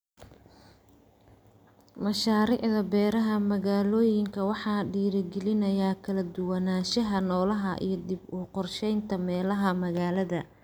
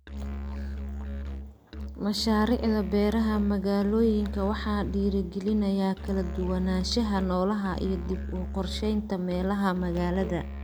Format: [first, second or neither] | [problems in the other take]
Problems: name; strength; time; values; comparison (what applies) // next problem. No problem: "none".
first | background sound (Musical instrument); 7 dB below the speech